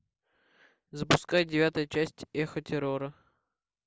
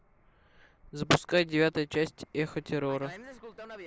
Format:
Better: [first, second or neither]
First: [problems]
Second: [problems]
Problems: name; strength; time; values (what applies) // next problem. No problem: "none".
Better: first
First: none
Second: background sound (Fixed-wing aircraft, airplane); 19 dB below the speech